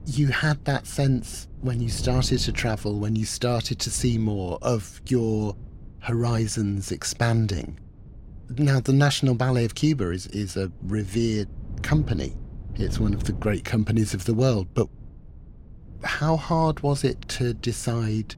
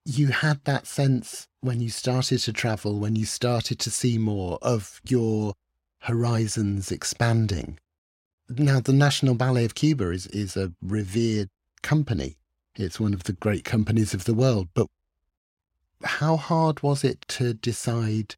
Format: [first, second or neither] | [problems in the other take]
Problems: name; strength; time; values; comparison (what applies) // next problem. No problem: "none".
second | wind noise on the microphone; occasional gusts; 20 dB below the speech